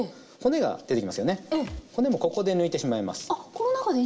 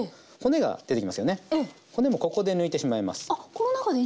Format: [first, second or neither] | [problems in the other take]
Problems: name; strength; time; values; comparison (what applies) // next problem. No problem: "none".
second | background sound (Thump, thud); 19 dB below the speech // room echo; dies away in 2.3 s